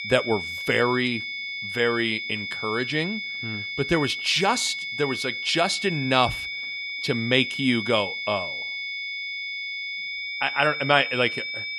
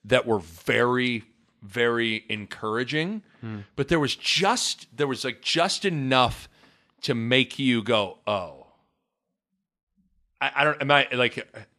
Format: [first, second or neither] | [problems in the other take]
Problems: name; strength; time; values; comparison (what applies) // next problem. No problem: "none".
second | high-pitched whine; loud; throughout; 2 kHz, 5 dB below the speech